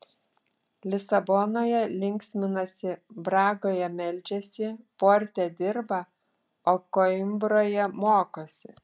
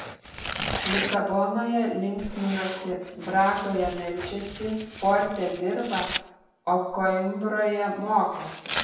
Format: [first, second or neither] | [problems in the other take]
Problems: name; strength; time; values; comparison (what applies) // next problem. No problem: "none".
first | background sound (Tearing); 9 dB below the speech // room echo; dies away in 0.9 s